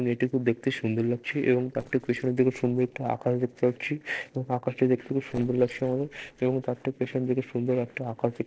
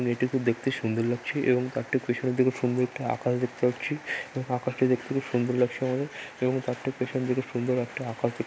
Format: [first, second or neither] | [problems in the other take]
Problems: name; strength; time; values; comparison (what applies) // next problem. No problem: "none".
second | noise reduction (neural separator model SepFormer DNS4)